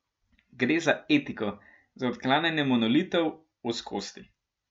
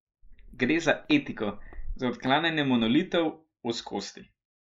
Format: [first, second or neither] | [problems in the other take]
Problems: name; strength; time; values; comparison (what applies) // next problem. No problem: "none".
first | noise reduction (neural mask model Resemble Enhance denoiser)